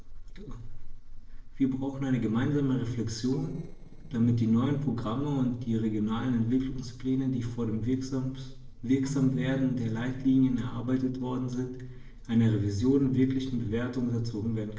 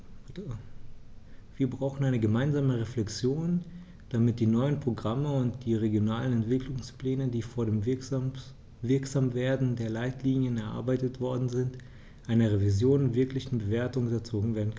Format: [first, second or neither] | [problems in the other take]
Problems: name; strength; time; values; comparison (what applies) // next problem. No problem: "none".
second | noise reduction (neural separator model SepFormer DNS4)